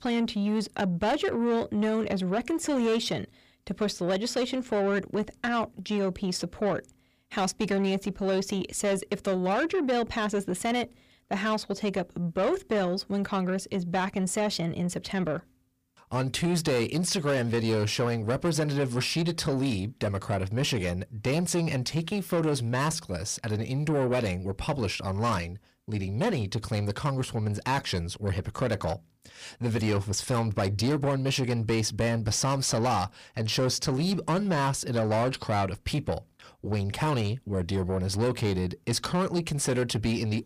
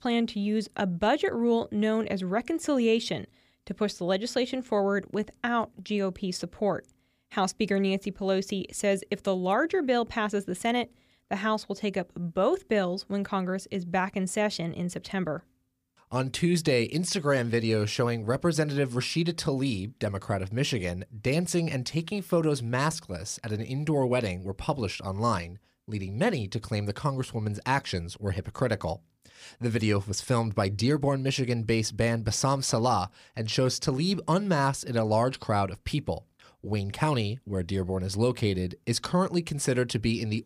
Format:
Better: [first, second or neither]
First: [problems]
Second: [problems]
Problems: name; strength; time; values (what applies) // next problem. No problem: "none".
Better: second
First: distortion; slight; 10 dB below the speech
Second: none